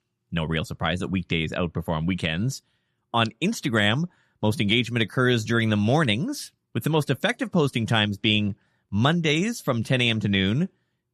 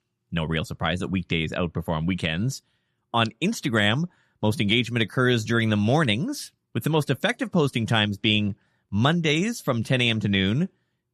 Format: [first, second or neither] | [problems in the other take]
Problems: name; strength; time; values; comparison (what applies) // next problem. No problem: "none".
neither | none